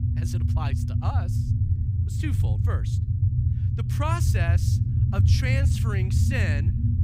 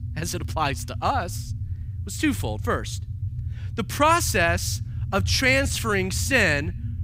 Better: second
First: low rumble; loud; throughout; 4 dB below the speech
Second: low rumble; faint; throughout; 25 dB below the speech

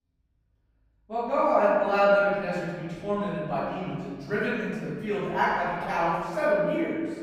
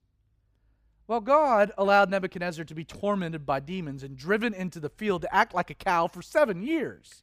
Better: second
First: off-mic speech; far // room echo; strong; dies away in 1.7 s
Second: none

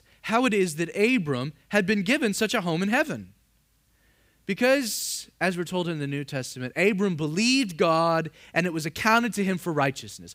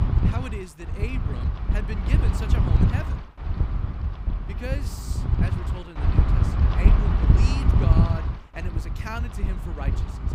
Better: first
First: none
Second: wind noise on the microphone; heavy; 2 dB above the speech

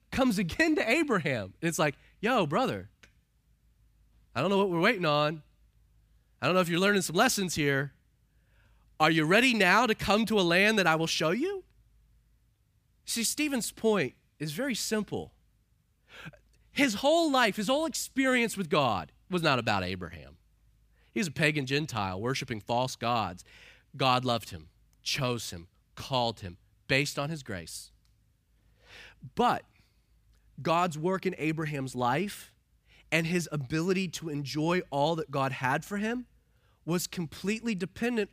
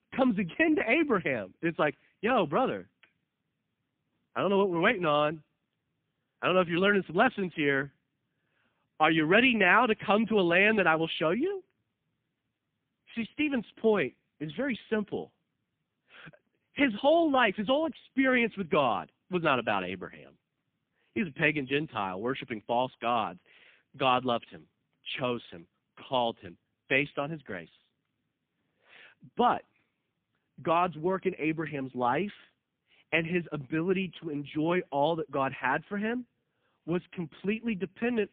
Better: first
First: none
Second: phone-call audio; poor line

